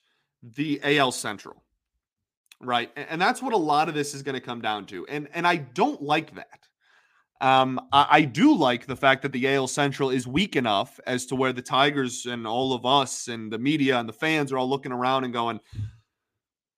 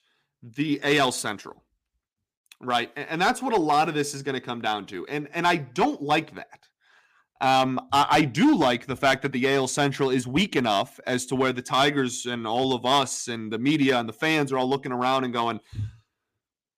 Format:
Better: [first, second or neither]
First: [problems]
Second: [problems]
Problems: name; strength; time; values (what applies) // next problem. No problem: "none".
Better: first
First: none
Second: distortion; slight; 3% of the sound clipped